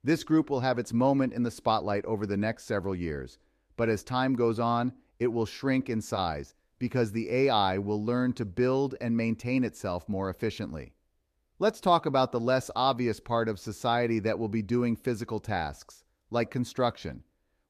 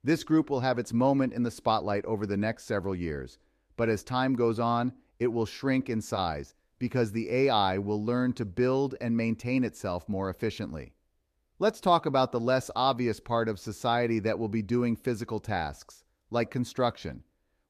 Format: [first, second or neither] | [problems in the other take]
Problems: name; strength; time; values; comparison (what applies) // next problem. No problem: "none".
neither | none